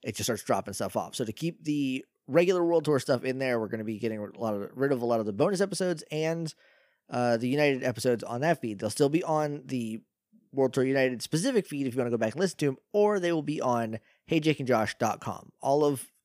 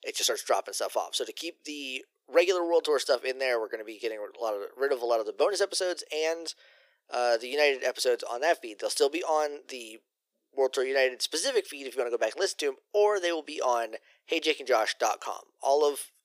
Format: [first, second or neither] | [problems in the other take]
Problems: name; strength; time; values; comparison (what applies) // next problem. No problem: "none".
first | thin; very; fading below 400 Hz